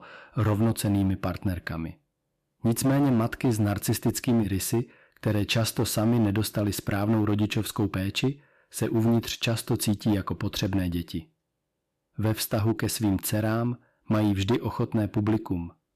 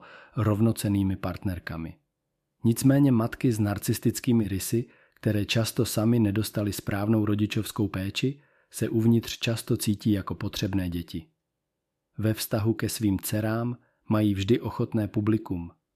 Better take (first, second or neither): second